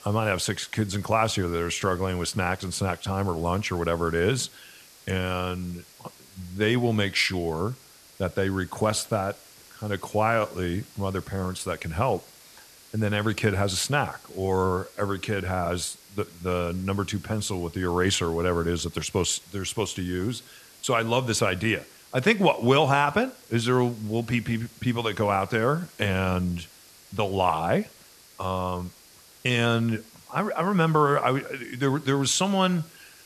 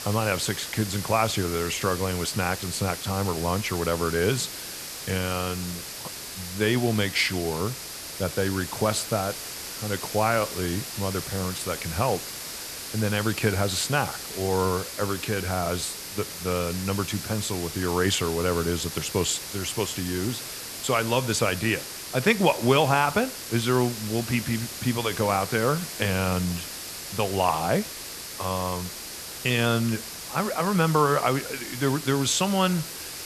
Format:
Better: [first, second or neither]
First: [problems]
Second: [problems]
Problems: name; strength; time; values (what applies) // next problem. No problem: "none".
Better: first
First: hiss; faint; throughout; 25 dB below the speech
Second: hiss; loud; throughout; 8 dB below the speech